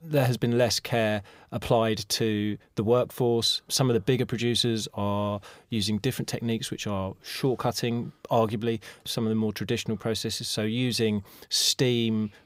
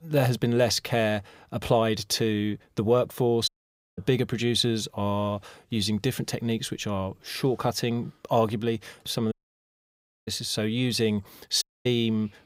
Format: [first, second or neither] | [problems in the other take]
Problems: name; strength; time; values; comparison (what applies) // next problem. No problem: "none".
first | audio cutting out; at 3.5 s, at 9.5 s for 1 s and at 12 s